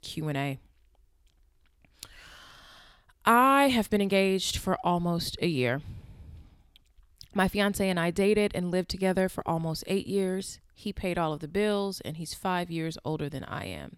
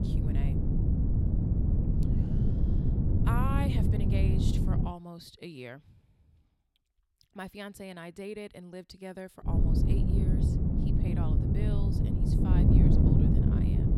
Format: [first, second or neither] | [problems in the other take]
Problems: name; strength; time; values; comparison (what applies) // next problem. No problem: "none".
first | wind noise on the microphone; heavy; until 5 s and from 9.5 s on; 4 dB above the speech